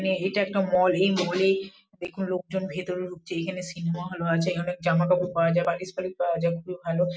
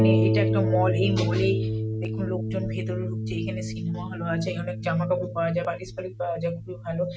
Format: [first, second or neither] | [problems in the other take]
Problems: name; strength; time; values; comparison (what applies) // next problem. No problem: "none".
first | background sound (Harp); 2 dB above the speech